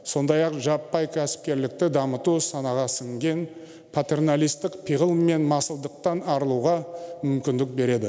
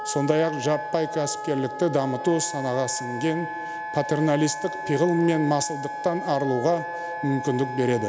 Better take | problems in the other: first | background sound (Wind instrument, woodwind instrument); 8 dB below the speech

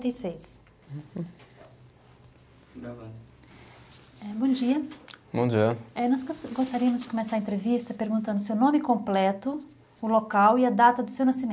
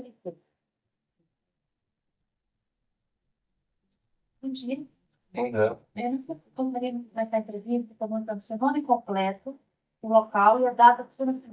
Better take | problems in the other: first | noise reduction (neural mask model DeepFilterNet 3)

